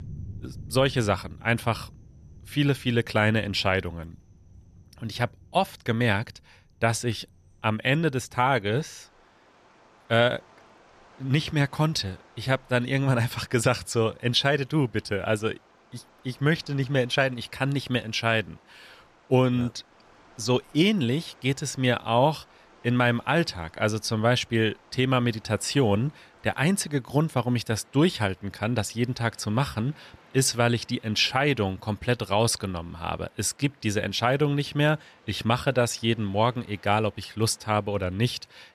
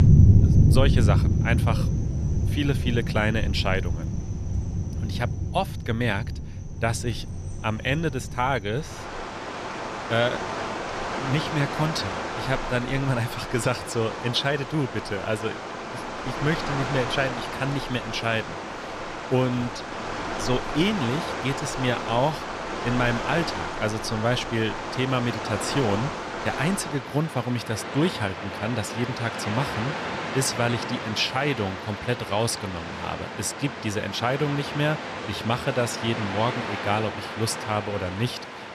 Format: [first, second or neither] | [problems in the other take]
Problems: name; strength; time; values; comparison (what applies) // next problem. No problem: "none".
first | rain or running water; loud; throughout; 2 dB below the speech; faint in the first